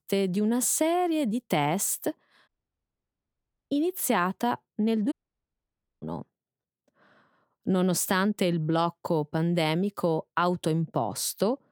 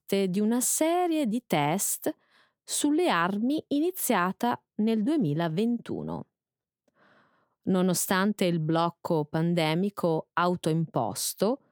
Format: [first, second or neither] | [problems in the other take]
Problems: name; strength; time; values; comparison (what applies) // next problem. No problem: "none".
second | audio cutting out; at 2.5 s for 1 s and at 5 s for 1 s